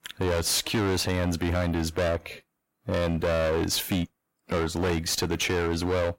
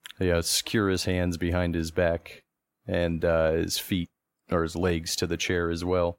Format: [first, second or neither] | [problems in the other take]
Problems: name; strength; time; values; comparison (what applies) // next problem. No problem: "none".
second | distortion; heavy; 24% of the sound clipped